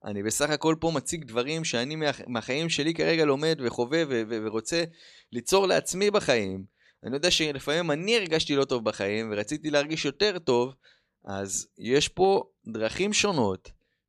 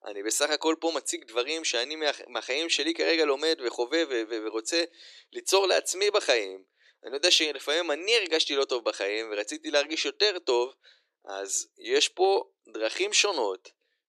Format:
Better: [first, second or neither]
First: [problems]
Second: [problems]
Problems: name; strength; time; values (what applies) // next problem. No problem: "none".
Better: first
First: none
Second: thin; very; fading below 350 Hz